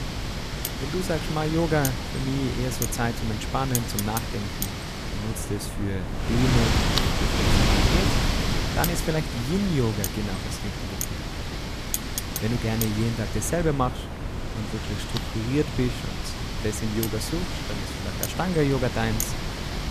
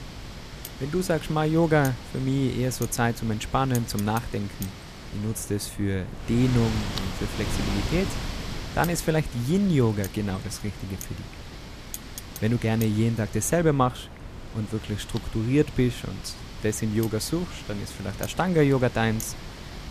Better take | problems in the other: second | wind noise on the microphone; heavy; as loud as the speech; occasional gusts in the second

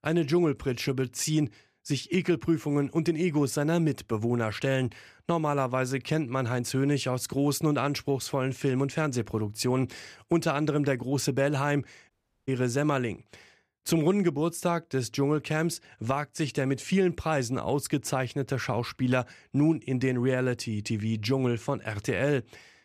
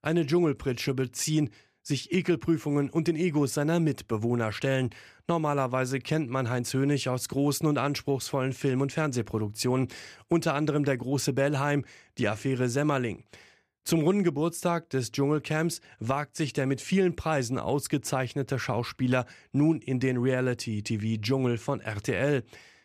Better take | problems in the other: second | audio cutting out; at 12 s

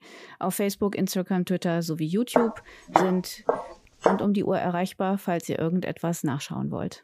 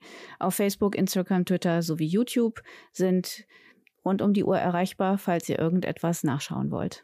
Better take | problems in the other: second | footsteps; loud; from 2.5 to 4 s; peak 2 dB above the speech

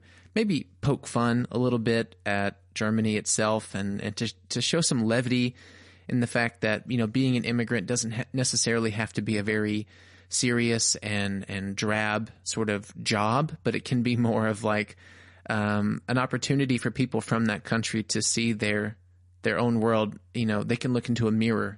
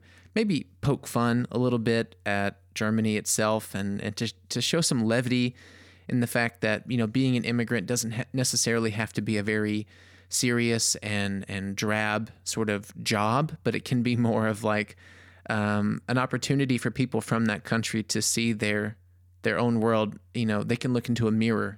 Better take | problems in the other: second | garbled, watery; slightly; nothing above 10.5 kHz

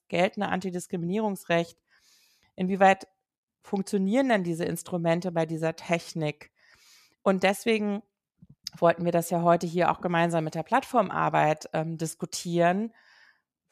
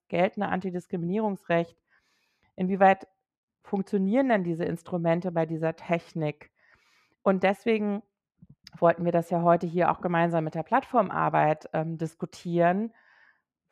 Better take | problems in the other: first | muffled; slightly; fading above 3.5 kHz

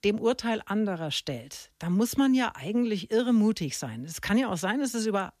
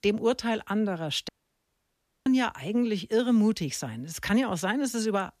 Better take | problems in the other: first | audio cutting out; at 1.5 s for 1 s

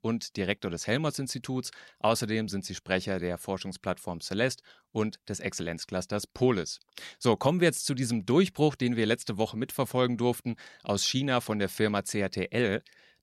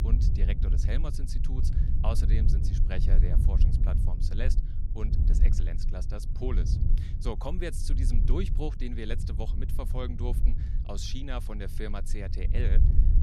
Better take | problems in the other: first | low rumble; loud; throughout; 5 dB below the speech

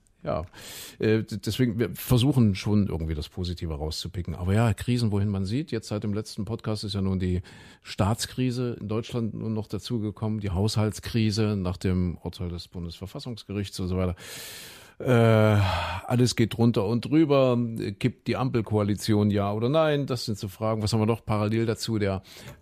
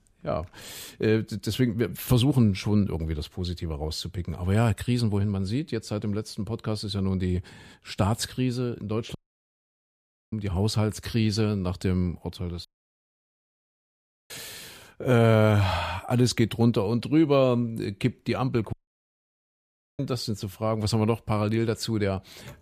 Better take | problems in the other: first | audio cutting out; at 9 s for 1 s, at 13 s for 1.5 s and at 19 s for 1.5 s

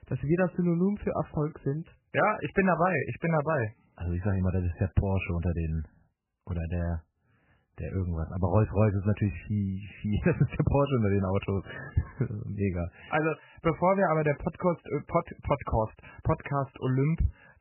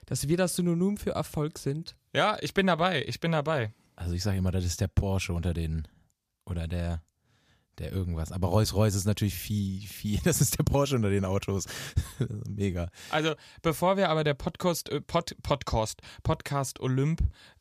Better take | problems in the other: second | garbled, watery; badly; nothing above 3 kHz

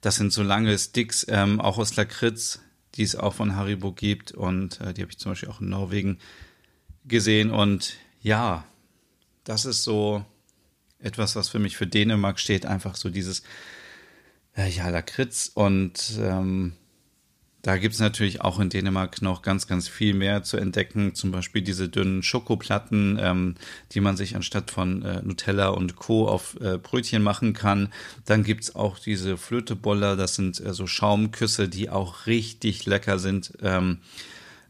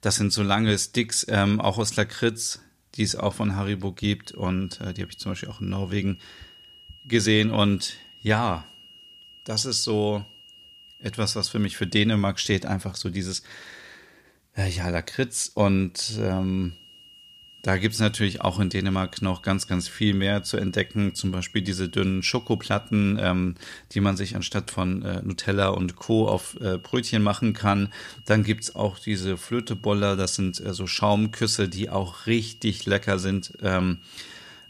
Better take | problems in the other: first | high-pitched whine; faint; from 4 to 12 s, from 16 to 23 s and from 26 s on; 3 kHz, 20 dB below the speech

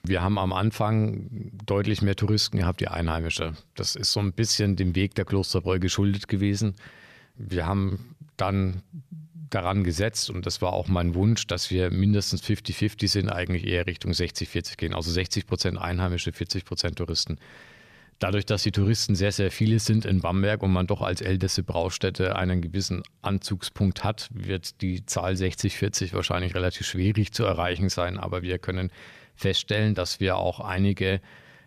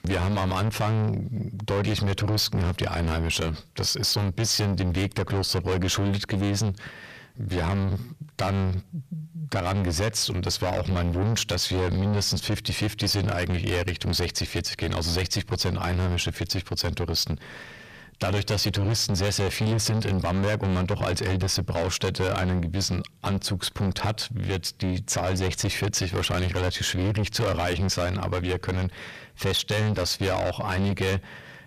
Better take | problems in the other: first | distortion; heavy; 6 dB below the speech

